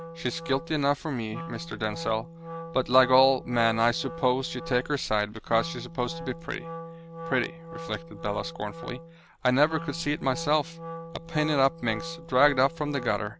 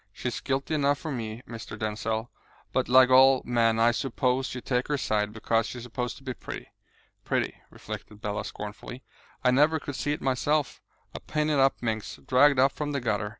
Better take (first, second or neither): second